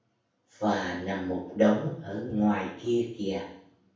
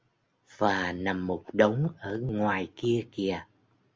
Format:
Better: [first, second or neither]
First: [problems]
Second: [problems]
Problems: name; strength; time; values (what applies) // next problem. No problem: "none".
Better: second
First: room echo; dies away in 0.6 s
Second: none